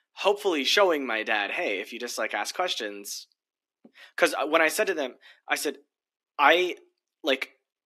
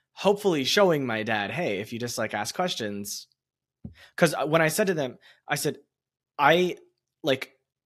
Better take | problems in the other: second | thin; somewhat; fading below 250 Hz

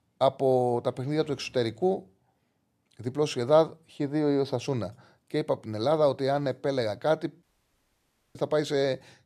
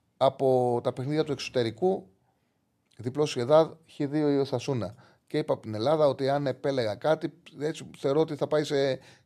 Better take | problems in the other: second | audio cutting out; at 7.5 s for 1 s

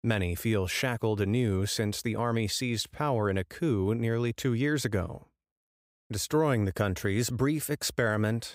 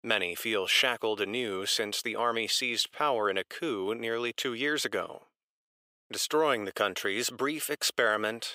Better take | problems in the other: first | thin; very; fading below 450 Hz

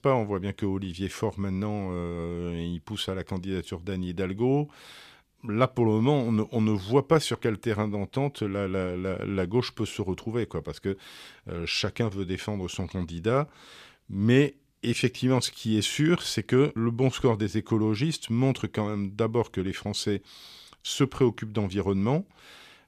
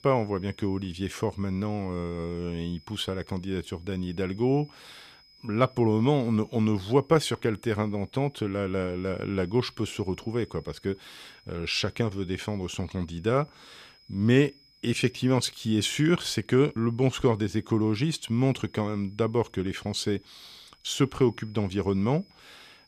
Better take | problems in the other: first | high-pitched whine; faint; throughout; 5 kHz, 30 dB below the speech

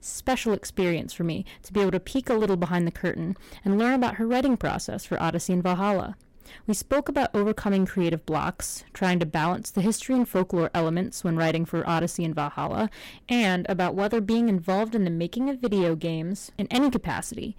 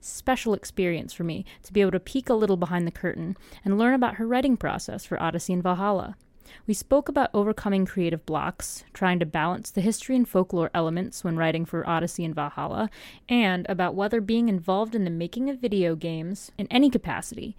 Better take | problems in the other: second | distortion; slight; 12% of the sound clipped

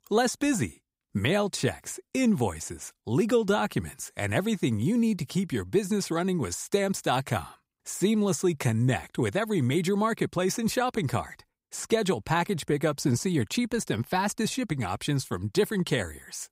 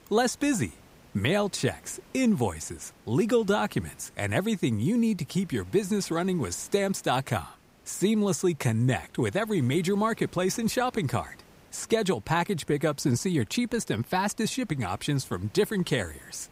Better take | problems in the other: first | hiss; faint; throughout; 25 dB below the speech

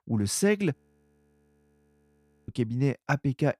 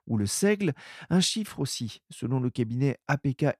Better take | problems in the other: second | audio freezing; at 1 s for 1.5 s

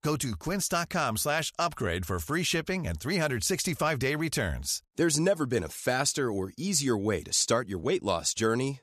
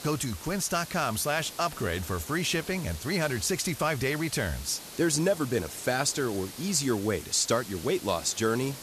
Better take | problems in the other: first | hiss; noticeable; throughout; 15 dB below the speech

